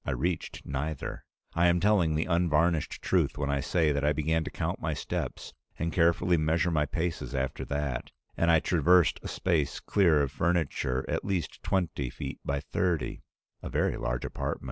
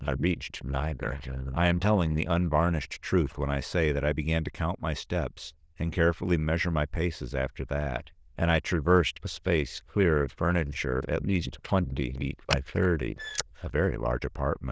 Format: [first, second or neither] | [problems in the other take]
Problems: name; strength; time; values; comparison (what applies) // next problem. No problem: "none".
first | noise reduction (neural diffusion model UNIVERSE++)